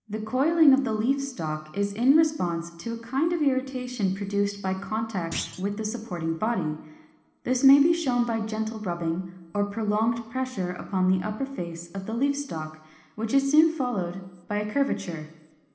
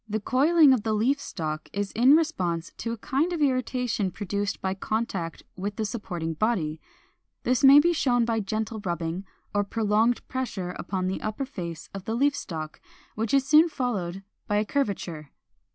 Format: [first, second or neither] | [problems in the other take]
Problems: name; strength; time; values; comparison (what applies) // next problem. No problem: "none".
second | background sound (Thump, thud); 14 dB below the speech // room echo; dies away in 1 s